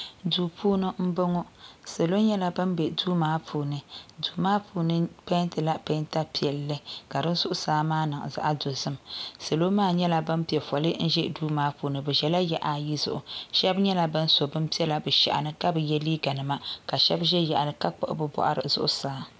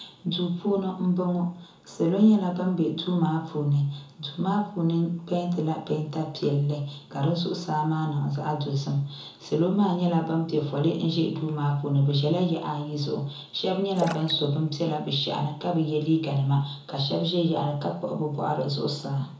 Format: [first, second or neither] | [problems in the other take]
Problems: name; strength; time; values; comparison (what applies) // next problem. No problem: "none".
first | background sound (Splash, splatter); 13 dB below the speech // room echo; dies away in 0.7 s